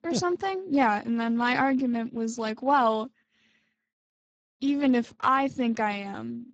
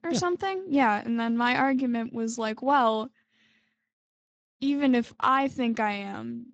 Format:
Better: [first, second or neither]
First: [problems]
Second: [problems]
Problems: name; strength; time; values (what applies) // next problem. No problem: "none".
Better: second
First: garbled, watery; badly; nothing above 7.5 kHz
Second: garbled, watery; slightly; nothing above 7.5 kHz